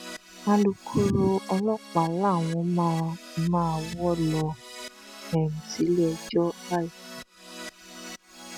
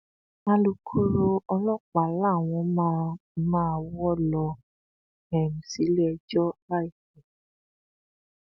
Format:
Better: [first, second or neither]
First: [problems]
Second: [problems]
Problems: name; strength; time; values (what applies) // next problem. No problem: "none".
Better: second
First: background sound (Keyboard (musical)); 16 dB below the speech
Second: none